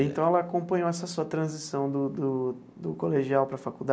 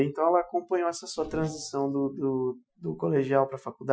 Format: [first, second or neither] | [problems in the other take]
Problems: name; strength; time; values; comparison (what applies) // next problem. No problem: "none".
first | noise reduction (classical method Wiener filter)